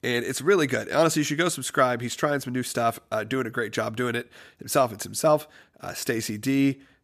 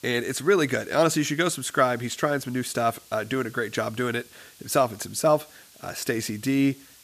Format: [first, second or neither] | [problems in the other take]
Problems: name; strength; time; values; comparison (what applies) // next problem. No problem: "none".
first | hiss; faint; throughout; 25 dB below the speech